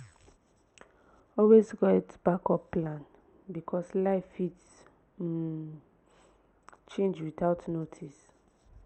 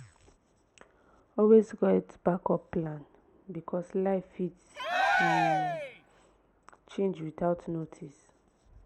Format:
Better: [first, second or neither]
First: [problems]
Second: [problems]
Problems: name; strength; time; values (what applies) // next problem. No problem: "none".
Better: first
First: none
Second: background sound (Cheering); 3 dB above the speech